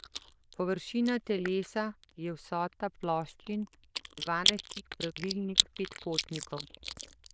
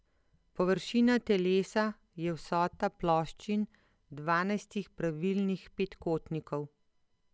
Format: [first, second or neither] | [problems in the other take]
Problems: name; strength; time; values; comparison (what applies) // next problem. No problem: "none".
second | noise reduction (neural diffusion model UNIVERSE++)